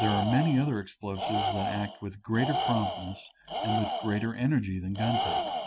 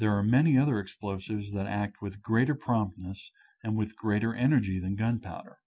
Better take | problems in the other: second | background sound (Tools); 3 dB below the speech

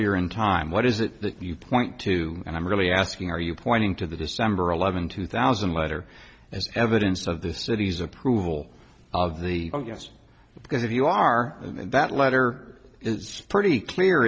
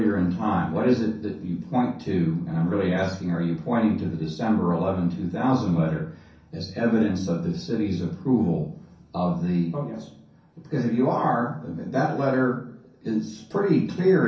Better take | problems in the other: first | room echo; dies away in 0.6 s

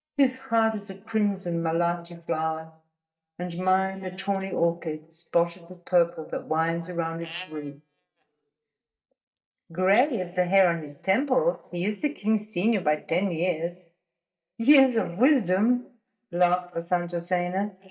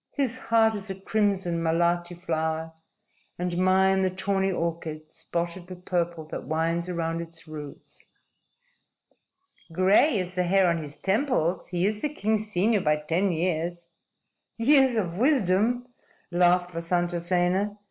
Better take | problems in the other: second | noise reduction (neural mask model DeepFilterNet 3)

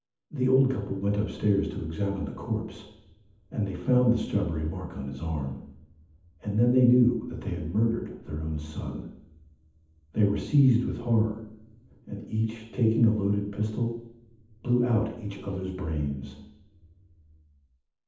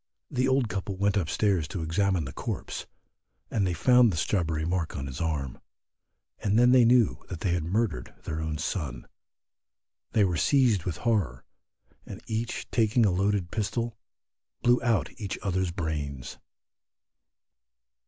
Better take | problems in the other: second | room echo; dies away in 0.8 s

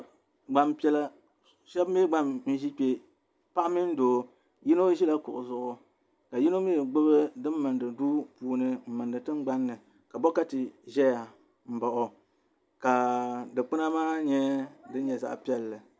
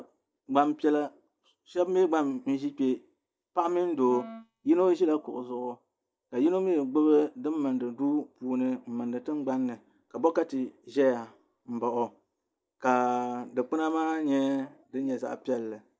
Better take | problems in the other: first | noise reduction (neural mask model DeepFilterNet 3)

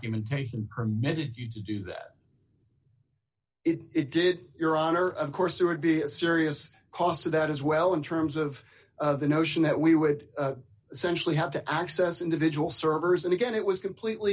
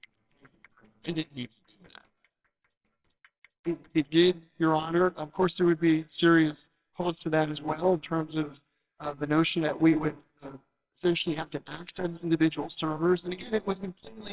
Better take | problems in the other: first | noise reduction (neural separator model SepFormer WHAMR!)

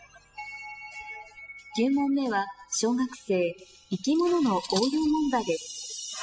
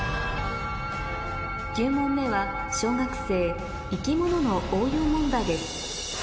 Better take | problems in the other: second | noise reduction (classical method spectral subtraction)

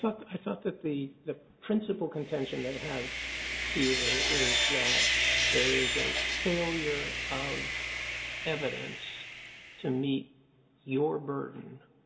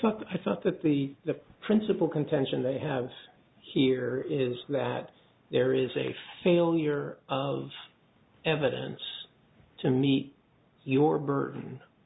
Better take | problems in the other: second | background sound (Sawing); 1 dB above the speech // room echo; dies away in 1.2 s

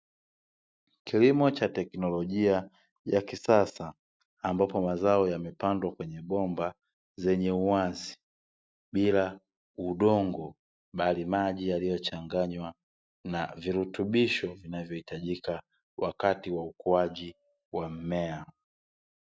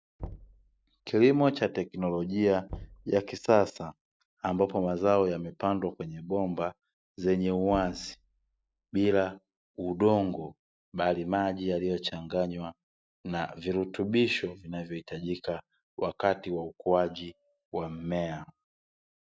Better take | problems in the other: first | background sound (Knock); 18 dB below the speech

